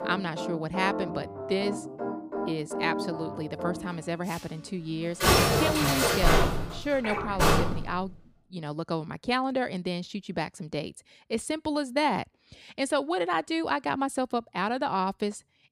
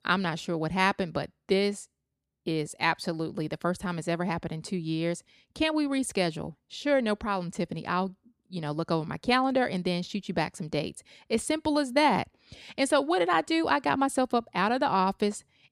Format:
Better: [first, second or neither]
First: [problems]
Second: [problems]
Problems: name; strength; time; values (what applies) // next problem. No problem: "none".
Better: second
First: background music; very loud; until 8 s; 3 dB above the speech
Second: none